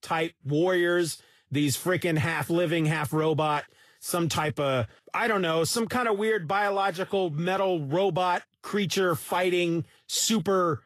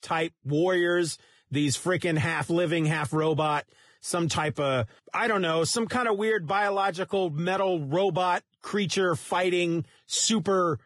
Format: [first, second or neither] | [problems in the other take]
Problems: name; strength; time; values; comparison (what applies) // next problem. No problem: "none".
first | garbled, watery; badly; nothing above 10.5 kHz; slightly in the first